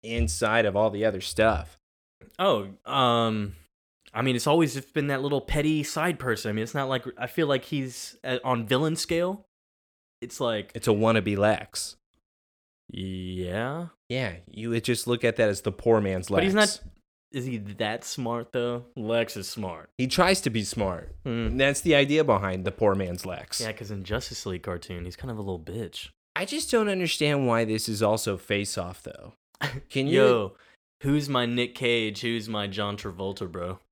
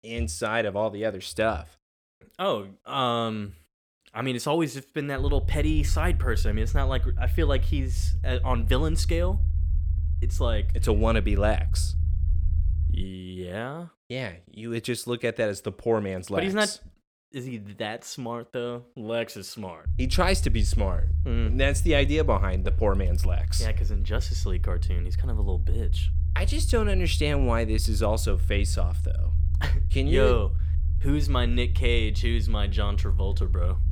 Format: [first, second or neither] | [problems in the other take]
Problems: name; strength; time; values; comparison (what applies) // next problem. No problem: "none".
first | low rumble; noticeable; from 5 to 13 s and from 20 s on; 15 dB below the speech